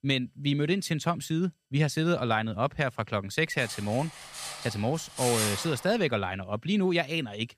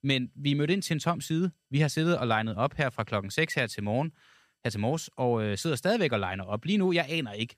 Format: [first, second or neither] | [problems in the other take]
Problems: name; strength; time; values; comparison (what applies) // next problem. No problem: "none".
second | clattering dishes; loud; from 3.5 to 6 s; peak 1 dB above the speech